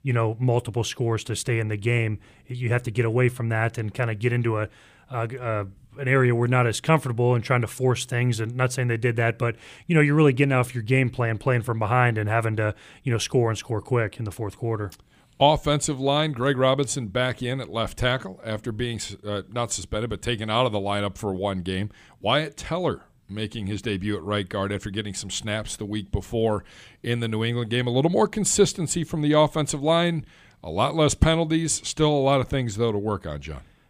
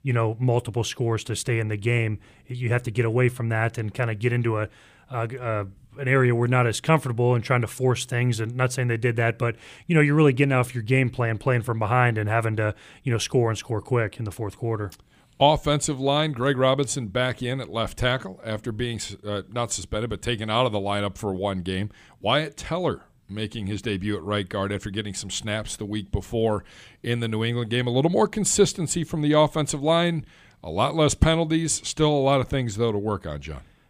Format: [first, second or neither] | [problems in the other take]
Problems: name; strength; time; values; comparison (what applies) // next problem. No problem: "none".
neither | none